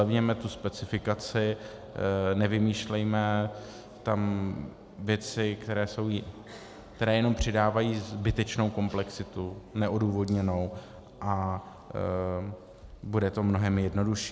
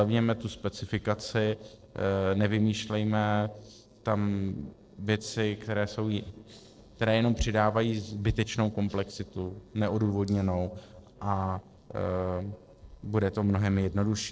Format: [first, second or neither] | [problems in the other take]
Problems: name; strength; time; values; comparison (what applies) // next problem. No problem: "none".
first | noise reduction (neural separator model SepFormer DNS4)